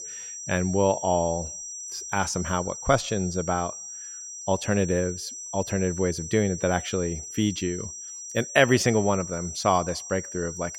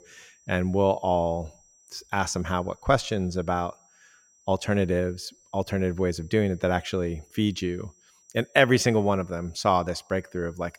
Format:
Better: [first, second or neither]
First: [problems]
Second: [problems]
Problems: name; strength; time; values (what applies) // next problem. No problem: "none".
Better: second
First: high-pitched whine; loud; throughout; 6 kHz, 9 dB below the speech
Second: high-pitched whine; faint; throughout; 6 kHz, 30 dB below the speech